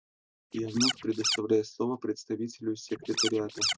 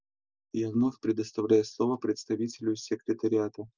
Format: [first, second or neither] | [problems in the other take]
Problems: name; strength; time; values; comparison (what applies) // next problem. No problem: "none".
second | noise reduction (neural mask model Resemble Enhance denoiser)